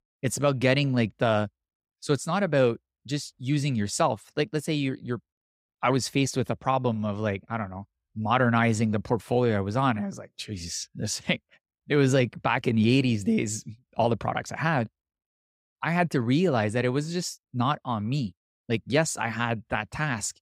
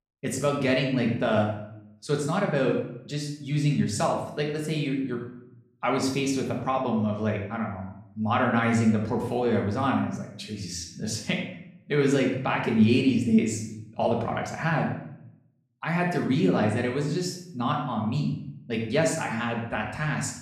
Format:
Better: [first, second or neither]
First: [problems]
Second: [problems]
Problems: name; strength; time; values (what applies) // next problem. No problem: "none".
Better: first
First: none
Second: room echo; noticeable; dies away in 0.6 s // off-mic speech; somewhat distant